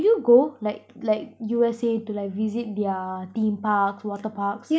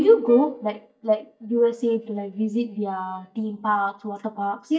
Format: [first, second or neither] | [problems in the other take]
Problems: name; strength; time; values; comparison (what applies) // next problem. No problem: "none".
first | noise reduction (neural mask model DeepFilterNet 3)